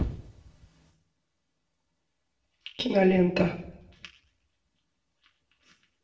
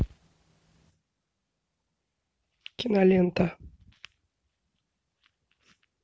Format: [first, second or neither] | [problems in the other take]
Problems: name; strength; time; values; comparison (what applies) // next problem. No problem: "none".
second | room echo; dies away in 0.6 s